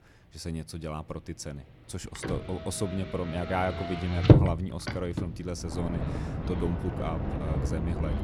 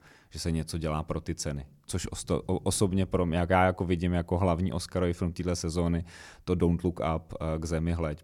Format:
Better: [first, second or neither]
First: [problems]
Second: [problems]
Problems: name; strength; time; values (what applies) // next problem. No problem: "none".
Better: second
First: traffic noise; very loud; throughout; 5 dB above the speech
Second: none